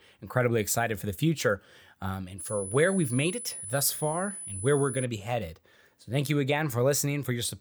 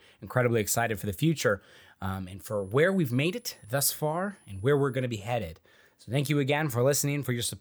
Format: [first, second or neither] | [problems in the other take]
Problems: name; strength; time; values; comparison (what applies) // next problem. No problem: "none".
second | high-pitched whine; loud; from 2.5 to 5 s; 10 kHz, 8 dB below the speech; faint in the second